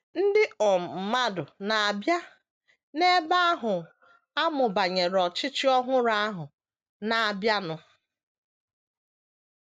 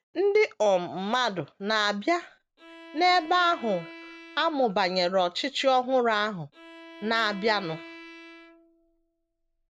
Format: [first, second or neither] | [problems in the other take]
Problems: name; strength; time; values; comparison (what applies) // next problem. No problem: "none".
first | background sound (Bowed string instrument); 20 dB below the speech